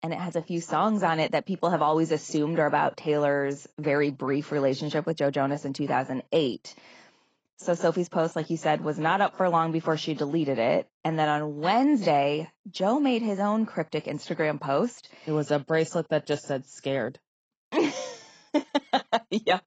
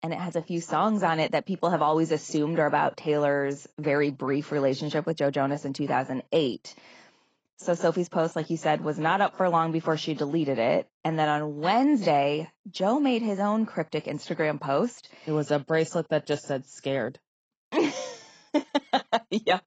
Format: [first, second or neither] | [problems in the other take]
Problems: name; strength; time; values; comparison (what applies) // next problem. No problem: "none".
neither | garbled, watery; badly; nothing above 7.5 kHz; the same in both